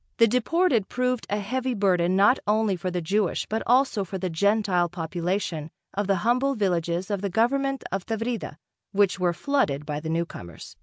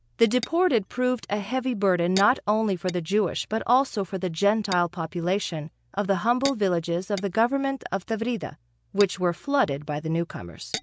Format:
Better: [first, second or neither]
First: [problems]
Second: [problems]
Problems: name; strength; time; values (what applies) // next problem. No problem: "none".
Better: first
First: none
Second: background sound (Tap / Glass); 18 dB below the speech